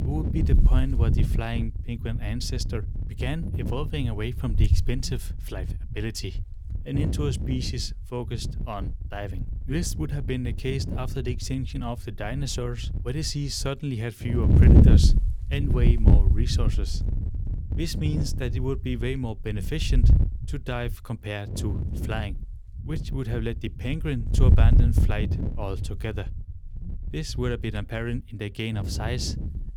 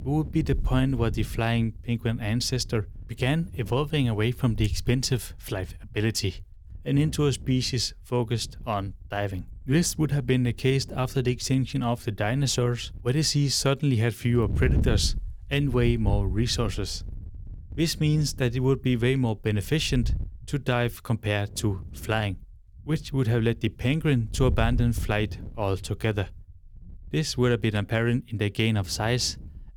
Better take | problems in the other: second | wind noise on the microphone; heavy; 4 dB below the speech; occasional gusts in the second

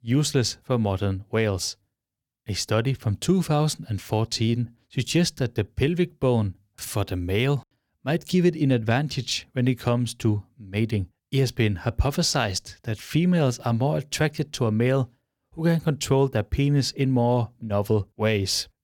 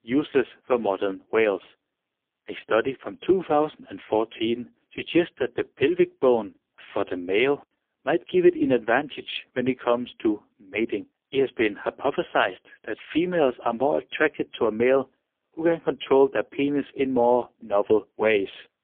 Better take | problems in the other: first | phone-call audio; poor line; nothing above 3.5 kHz

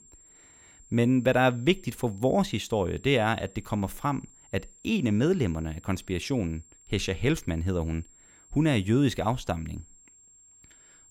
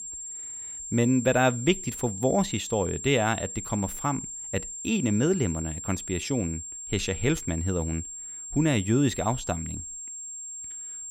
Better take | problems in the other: first | high-pitched whine; loud; throughout; 7.5 kHz, 8 dB below the speech; faint in the first

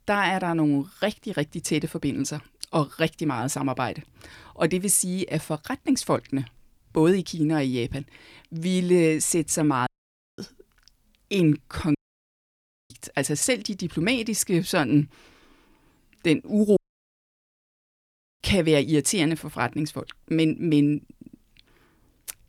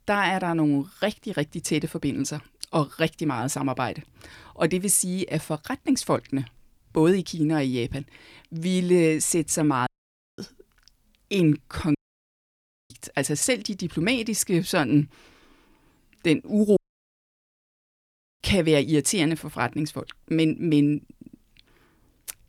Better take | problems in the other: neither | audio cutting out; at 10 s for 0.5 s, at 12 s for 1 s and at 17 s for 1.5 s; the same in both

